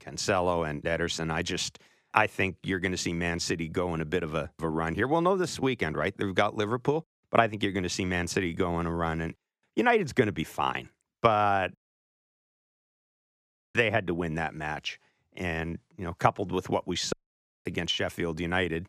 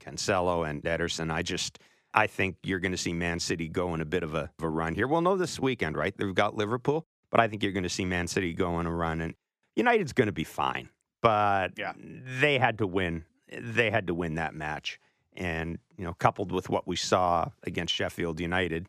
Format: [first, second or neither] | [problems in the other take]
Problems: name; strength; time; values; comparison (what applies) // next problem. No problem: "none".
second | audio cutting out; at 12 s for 2 s and at 17 s for 0.5 s